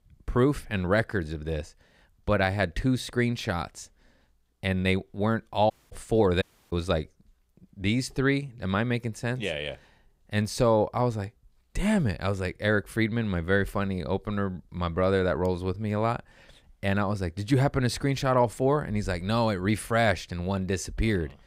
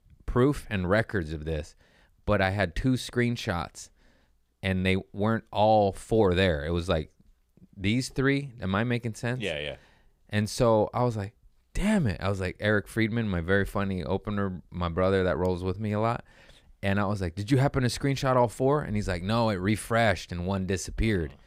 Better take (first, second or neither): second